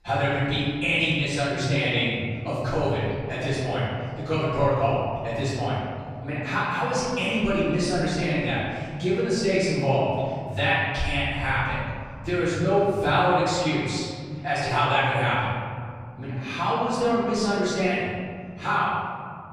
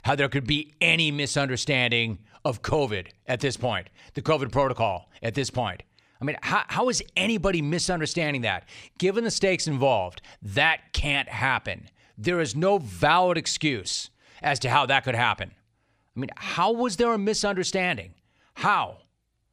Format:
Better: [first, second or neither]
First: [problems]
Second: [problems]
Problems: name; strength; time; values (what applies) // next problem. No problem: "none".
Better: second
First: off-mic speech; far // room echo; strong; dies away in 2.9 s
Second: none